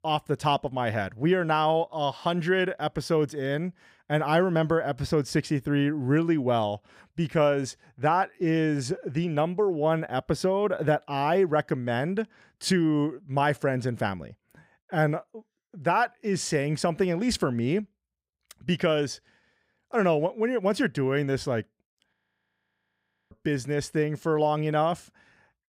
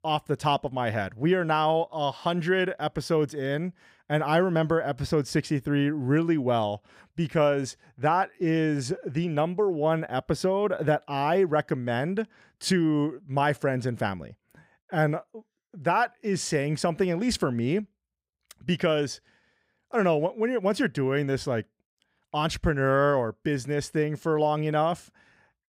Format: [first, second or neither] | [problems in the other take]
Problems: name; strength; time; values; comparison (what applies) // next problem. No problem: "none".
second | audio freezing; at 22 s for 1 s